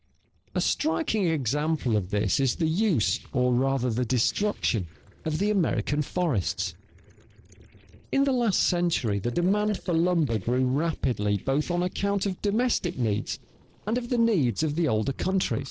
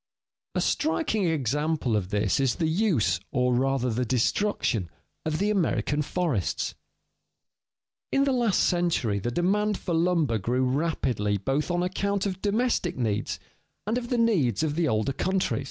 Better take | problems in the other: second | noise reduction (neural separator model SepFormer DNS4)

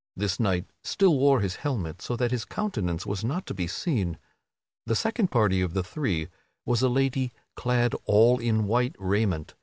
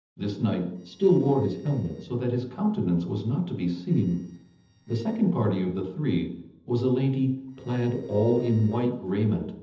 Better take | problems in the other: first | noise reduction (neural separator model SepFormer DNS4)

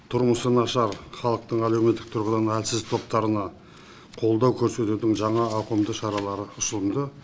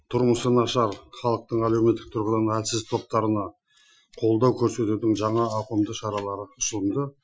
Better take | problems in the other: first | noise reduction (classical method Wiener filter)

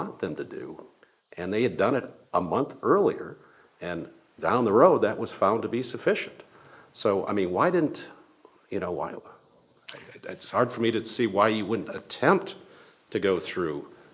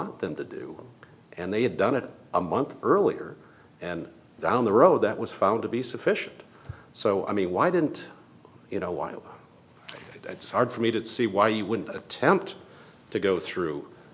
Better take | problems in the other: second | noise reduction (neural mask model Resemble Enhance denoiser)

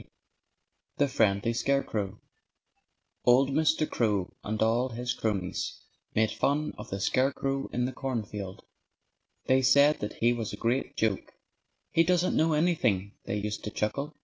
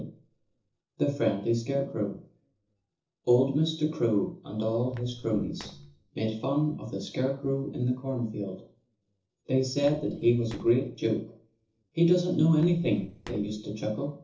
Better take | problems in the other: first | noise reduction (neural separator model SepFormer DNS4)

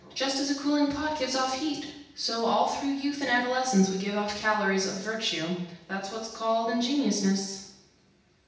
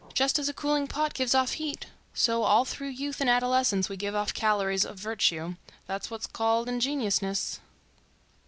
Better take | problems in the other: second | room echo; dies away in 0.9 s

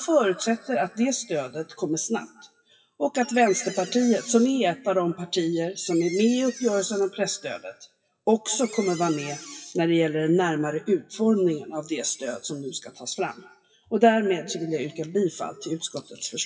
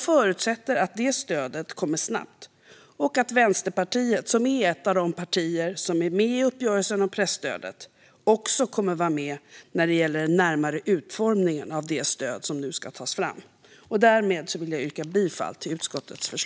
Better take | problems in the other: second | noise reduction (classical method WPE with log-MMSE)

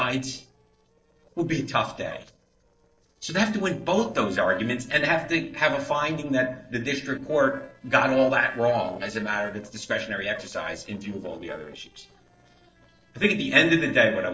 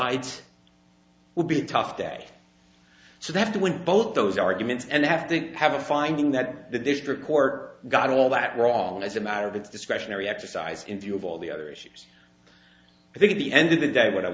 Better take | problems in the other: second | noise reduction (neural separator model SepFormer DNS4)

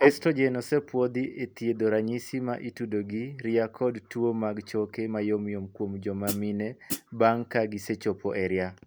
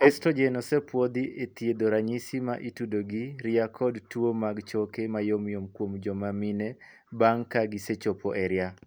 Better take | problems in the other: second | background sound (Hi-hat); 7 dB below the speech

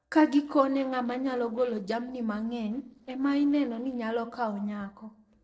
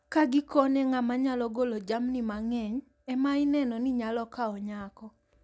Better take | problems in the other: second | noise reduction (neural separator model SepFormer DNS4)

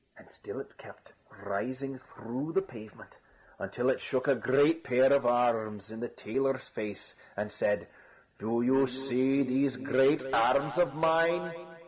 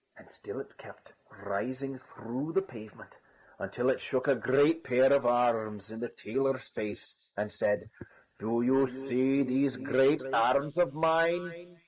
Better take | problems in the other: first | noise reduction (neural mask model Resemble Enhance denoiser)

